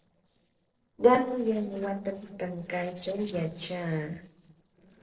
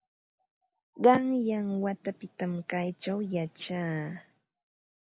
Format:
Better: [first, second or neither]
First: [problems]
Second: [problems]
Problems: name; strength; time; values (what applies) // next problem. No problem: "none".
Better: second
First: noise reduction (neural separator model SepFormer DNS4)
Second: none